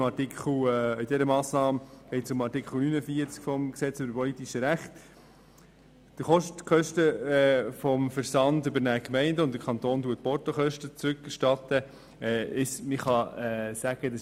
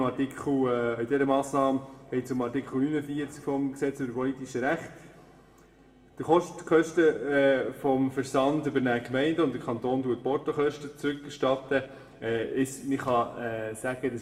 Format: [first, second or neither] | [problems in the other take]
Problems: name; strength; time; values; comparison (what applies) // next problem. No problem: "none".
first | room echo; dies away in 1.1 s